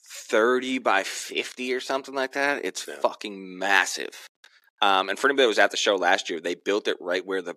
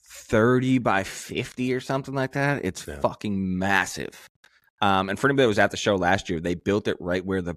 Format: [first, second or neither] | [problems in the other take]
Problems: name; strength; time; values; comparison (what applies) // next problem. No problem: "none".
second | thin; somewhat; fading below 300 Hz